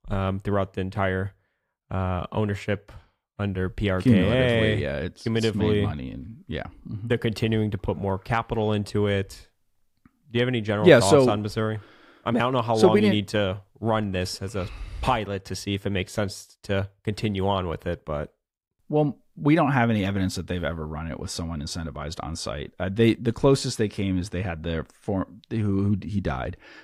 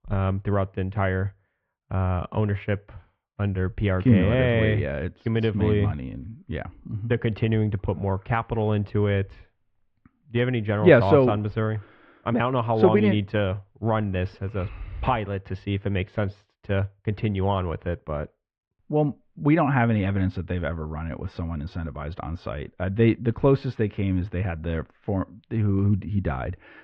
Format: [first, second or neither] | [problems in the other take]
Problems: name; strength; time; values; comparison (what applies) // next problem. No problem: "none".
first | muffled; very; fading above 3 kHz